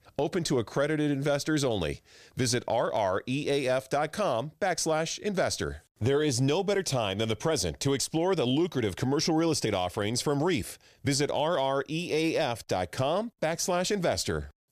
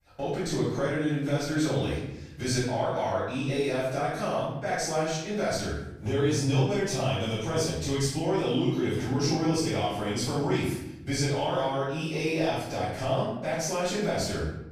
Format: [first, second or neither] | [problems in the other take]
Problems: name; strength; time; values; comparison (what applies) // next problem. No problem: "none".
first | off-mic speech; far // room echo; strong; dies away in 0.9 s